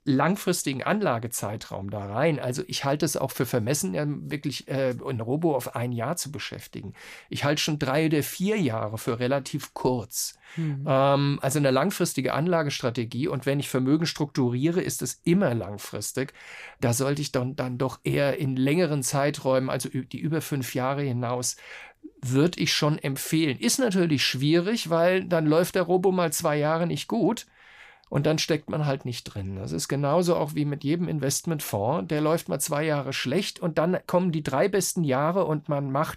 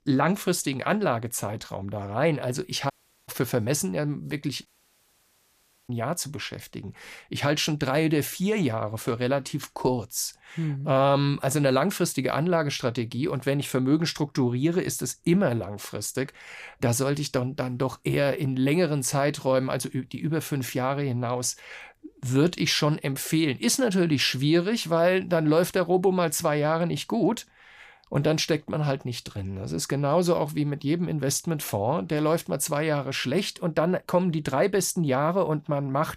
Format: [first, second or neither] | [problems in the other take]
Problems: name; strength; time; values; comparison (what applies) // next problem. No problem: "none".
first | audio cutting out; at 3 s and at 4.5 s for 1 s